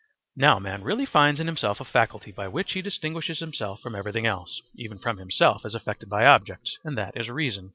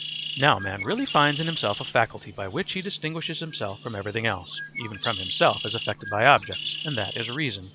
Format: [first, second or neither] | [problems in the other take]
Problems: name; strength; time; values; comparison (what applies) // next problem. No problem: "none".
first | background sound (Bird); 10 dB below the speech